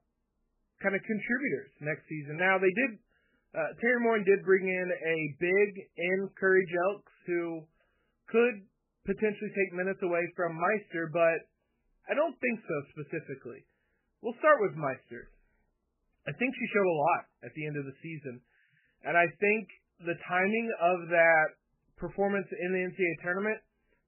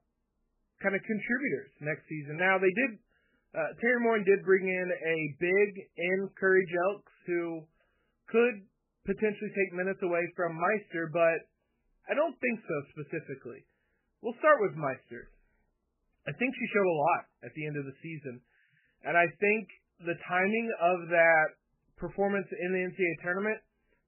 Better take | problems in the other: neither | garbled, watery; badly; nothing above 2.5 kHz; the same in both

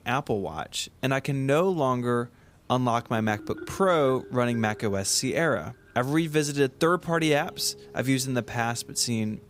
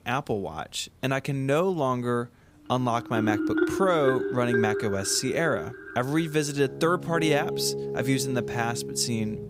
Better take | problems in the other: first | background music; loud; from 3 s on; 4 dB below the speech; faint in the first

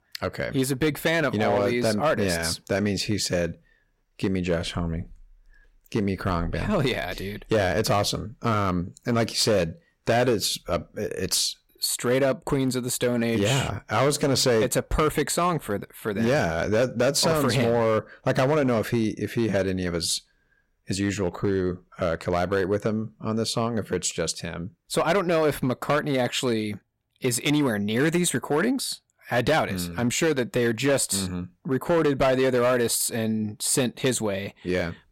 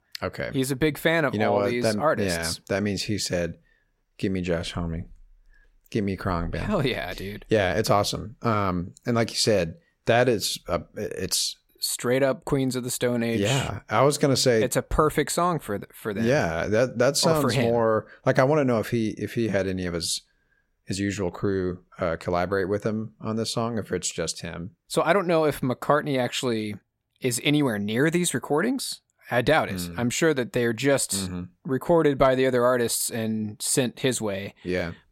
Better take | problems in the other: second | distortion; slight; 6% of the sound clipped

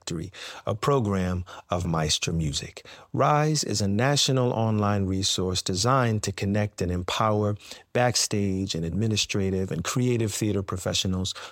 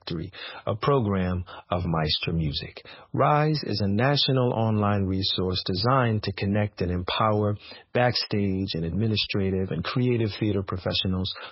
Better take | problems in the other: first | garbled, watery; badly; nothing above 5.5 kHz

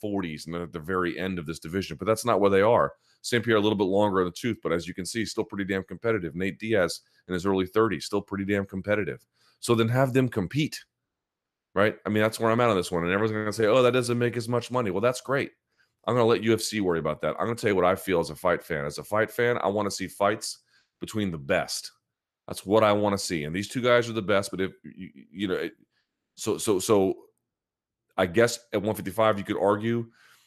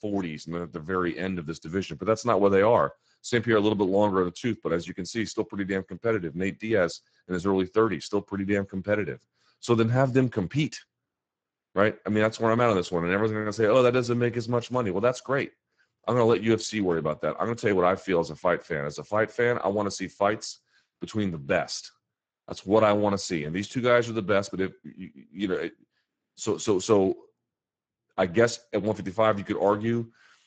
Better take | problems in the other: first | garbled, watery; badly; nothing above 7.5 kHz

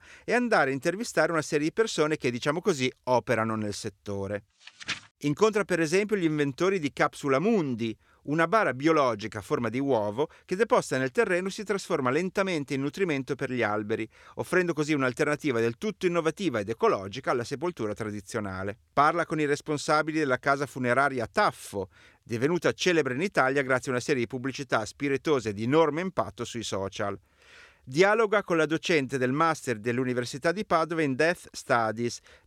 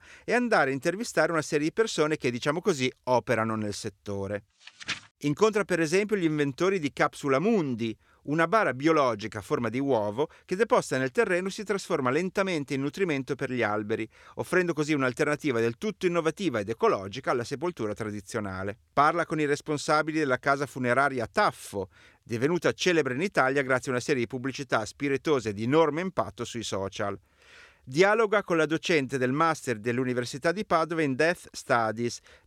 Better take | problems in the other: neither | none

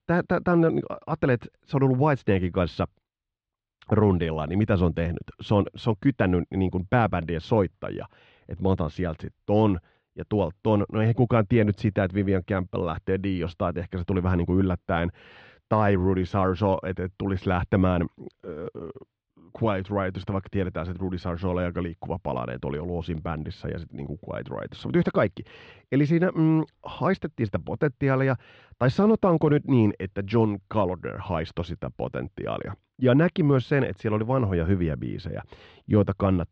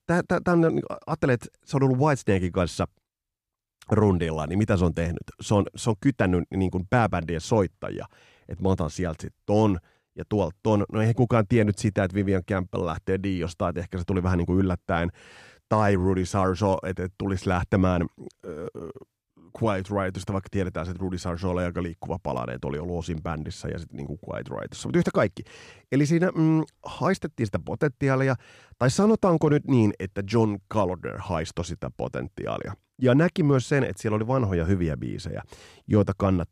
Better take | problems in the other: second | muffled; slightly; fading above 3.5 kHz

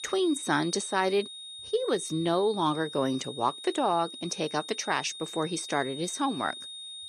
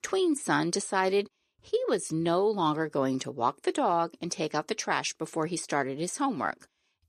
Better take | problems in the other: second | high-pitched whine; noticeable; throughout; 3.5 kHz, 10 dB below the speech

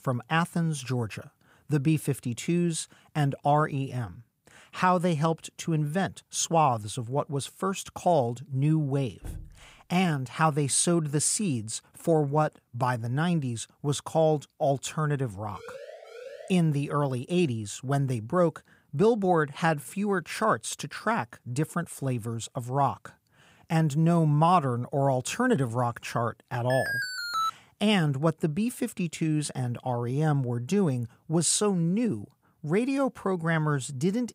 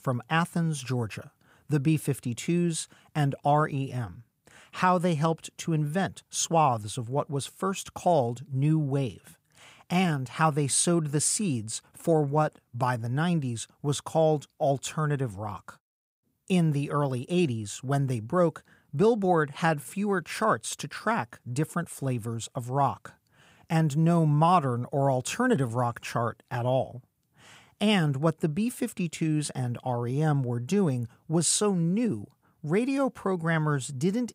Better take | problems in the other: second | door banging; faint; at 9 s; peak 15 dB below the speech // siren; faint; from 16 to 17 s; peak 15 dB below the speech // alarm; noticeable; at 27 s; peak 1 dB below the speech

